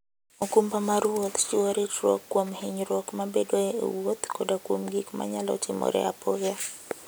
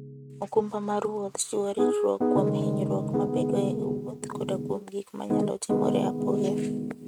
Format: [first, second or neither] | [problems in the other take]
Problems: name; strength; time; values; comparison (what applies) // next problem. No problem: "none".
first | noise reduction (neural mask model RNNoise)